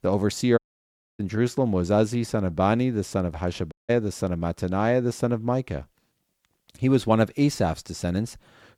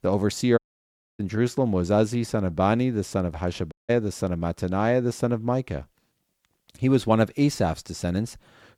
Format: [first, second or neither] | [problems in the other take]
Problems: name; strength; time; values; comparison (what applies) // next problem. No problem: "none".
neither | audio cutting out; at 0.5 s for 0.5 s and at 3.5 s; the same in both